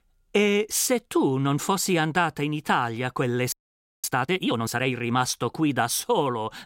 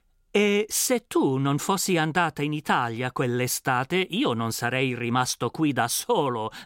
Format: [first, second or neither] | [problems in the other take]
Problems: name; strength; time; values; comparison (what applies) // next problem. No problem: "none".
second | audio freezing; at 3.5 s for 0.5 s